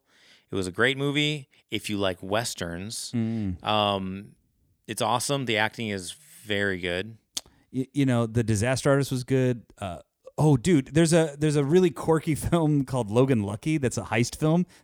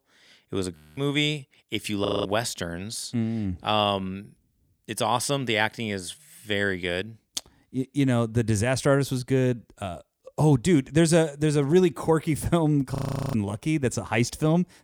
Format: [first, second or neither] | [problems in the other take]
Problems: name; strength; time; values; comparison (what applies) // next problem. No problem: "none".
first | audio freezing; at 1 s, at 2 s and at 13 s